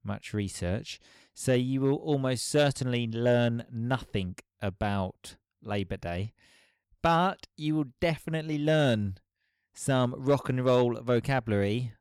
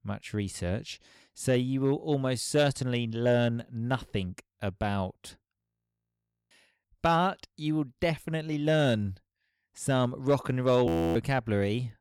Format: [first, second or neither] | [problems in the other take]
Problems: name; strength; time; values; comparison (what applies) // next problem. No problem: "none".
first | audio freezing; at 5.5 s for 1 s and at 11 s